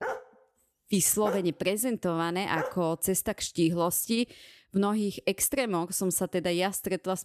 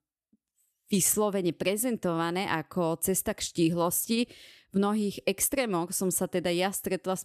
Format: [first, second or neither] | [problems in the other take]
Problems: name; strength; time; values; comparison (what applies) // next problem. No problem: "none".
second | dog barking; noticeable; until 3 s; peak 8 dB below the speech